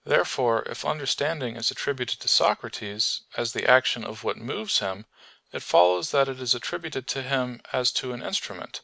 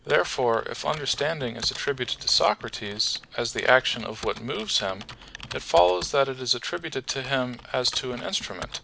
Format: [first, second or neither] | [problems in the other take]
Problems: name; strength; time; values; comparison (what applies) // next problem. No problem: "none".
first | background sound (Computer keyboard); 17 dB below the speech